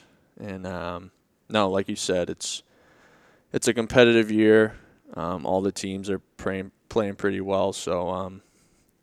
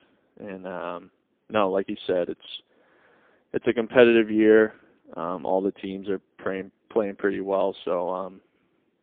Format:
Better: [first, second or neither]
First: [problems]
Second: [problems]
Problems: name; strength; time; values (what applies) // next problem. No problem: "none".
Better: first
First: none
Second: phone-call audio; poor line